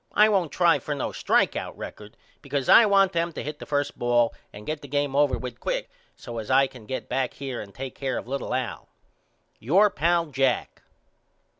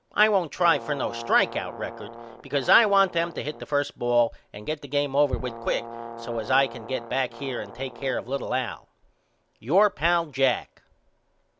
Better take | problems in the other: first | background sound (Brass instrument); 14 dB below the speech

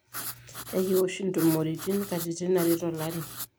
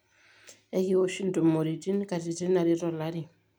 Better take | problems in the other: second | background sound (Writing); 11 dB below the speech

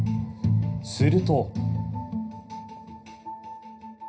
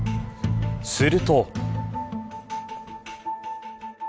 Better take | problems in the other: second | room echo; dies away in 0.4 s

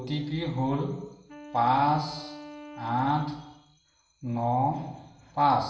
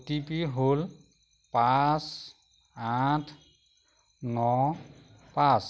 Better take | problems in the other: second | background sound (Wind instrument, woodwind instrument); 17 dB below the speech // room echo; dies away in 0.9 s

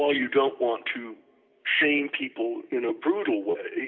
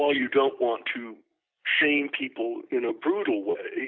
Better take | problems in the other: second | room echo; dies away in 0.3 s

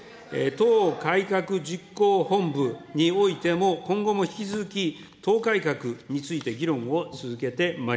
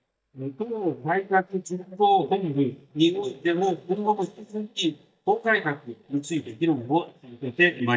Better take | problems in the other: first | noise reduction (neural mask model DeepFilterNet 3)

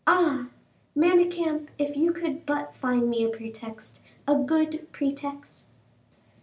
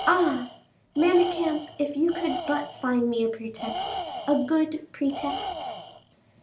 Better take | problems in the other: first | background sound (Tools); 9 dB below the speech

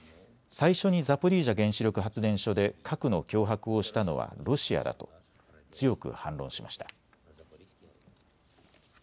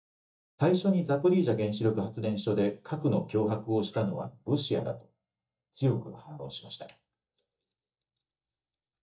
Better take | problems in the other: first | noise reduction (neural mask model DeepFilterNet 3)

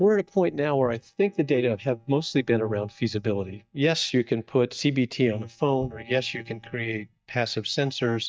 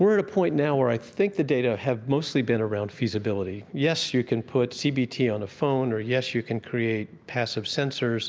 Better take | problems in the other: second | noise reduction (neural mask model DeepFilterNet 3)

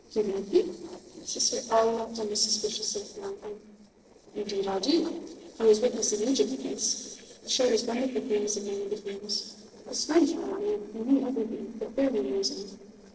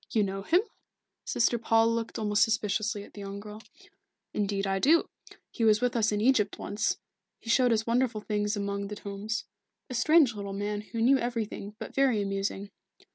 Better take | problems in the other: second | noise reduction (neural separator model SepFormer DNS4)

